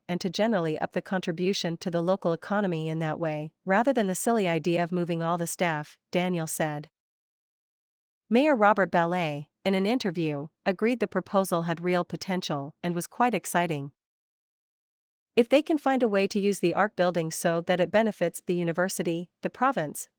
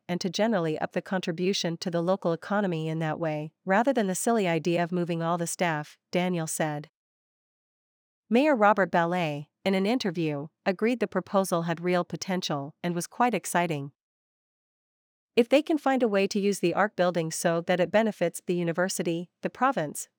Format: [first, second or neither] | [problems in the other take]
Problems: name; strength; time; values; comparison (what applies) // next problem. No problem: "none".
second | garbled, watery; slightly; nothing above 19 kHz